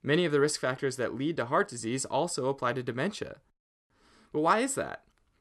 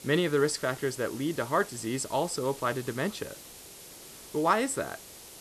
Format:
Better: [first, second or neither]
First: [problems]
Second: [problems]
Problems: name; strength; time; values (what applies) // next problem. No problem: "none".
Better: first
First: none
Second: hiss; noticeable; throughout; 15 dB below the speech